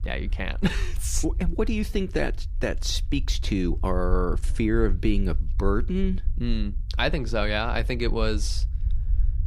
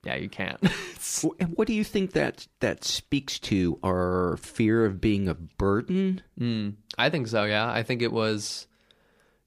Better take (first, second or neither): second